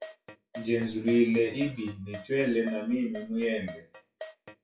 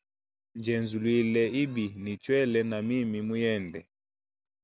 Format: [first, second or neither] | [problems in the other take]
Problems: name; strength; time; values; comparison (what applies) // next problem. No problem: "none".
second | noise reduction (classical method WPE with log-MMSE)